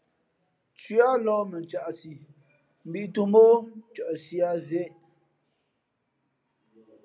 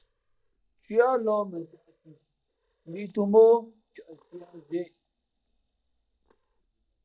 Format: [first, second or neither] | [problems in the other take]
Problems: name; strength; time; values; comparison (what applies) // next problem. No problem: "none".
first | noise reduction (neural mask model DeepFilterNet 3)